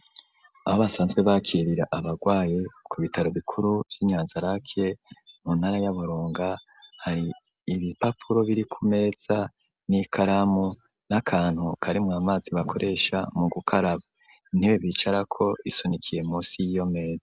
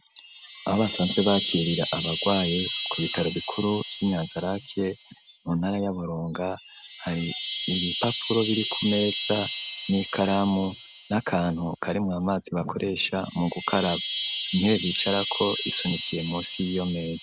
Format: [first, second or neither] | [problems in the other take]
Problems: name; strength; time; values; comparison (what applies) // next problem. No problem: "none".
first | background sound (Chime); 7 dB below the speech